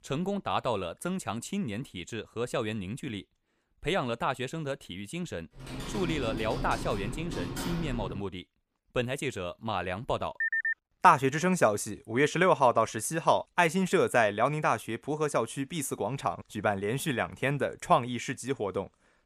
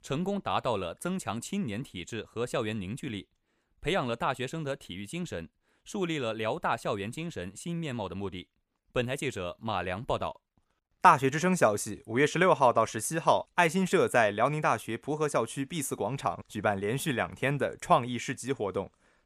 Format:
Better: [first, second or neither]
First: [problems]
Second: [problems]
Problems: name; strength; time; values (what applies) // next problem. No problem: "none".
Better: second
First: keyboard typing; noticeable; from 5.5 to 8 s; peak 6 dB below the speech // phone ringing; loud; at 10 s; peak 2 dB above the speech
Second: none